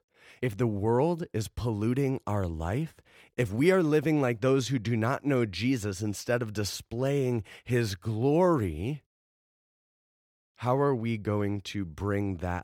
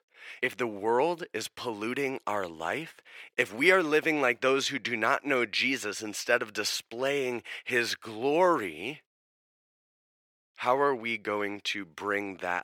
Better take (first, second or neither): first